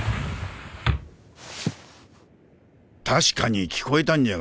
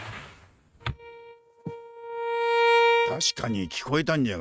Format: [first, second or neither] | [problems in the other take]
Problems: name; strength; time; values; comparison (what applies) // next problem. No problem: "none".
first | noise reduction (neural mask model RNNoise)